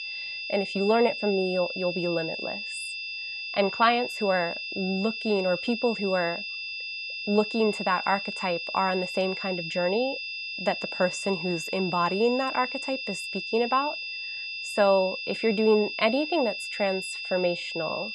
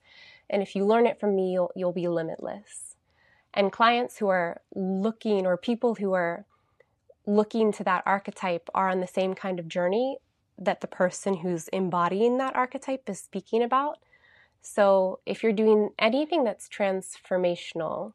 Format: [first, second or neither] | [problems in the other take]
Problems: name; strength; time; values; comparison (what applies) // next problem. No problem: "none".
second | high-pitched whine; loud; throughout; 2.5 kHz, 5 dB below the speech